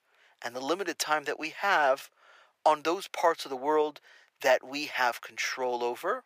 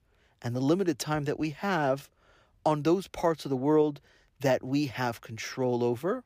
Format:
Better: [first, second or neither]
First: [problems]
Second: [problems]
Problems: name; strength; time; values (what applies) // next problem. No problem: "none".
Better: second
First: thin; very; fading below 700 Hz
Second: none